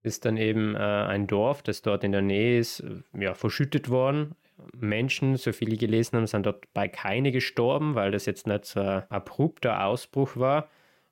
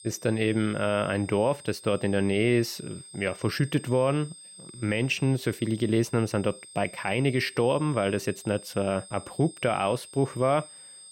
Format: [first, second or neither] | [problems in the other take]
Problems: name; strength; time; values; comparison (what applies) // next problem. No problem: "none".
first | high-pitched whine; noticeable; throughout; 8.5 kHz, 20 dB below the speech